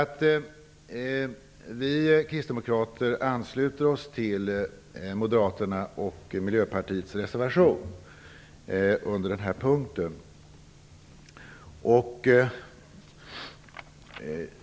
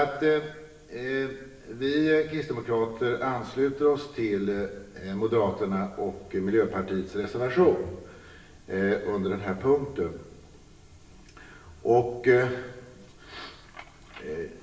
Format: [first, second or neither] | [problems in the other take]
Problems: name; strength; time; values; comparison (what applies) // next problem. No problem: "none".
first | room echo; dies away in 1.1 s